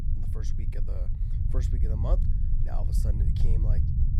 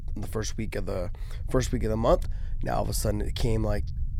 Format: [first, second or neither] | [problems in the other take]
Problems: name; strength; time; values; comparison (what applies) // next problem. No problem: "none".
second | low rumble; loud; throughout; 1 dB below the speech; faint in the second